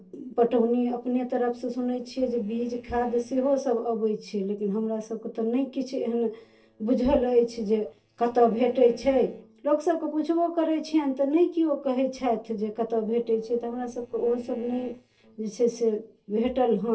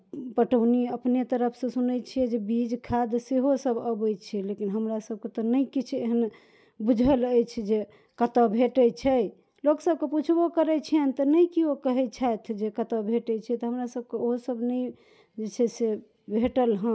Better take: second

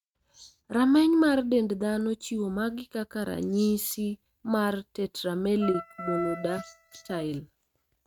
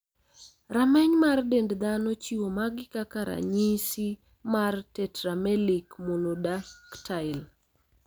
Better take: second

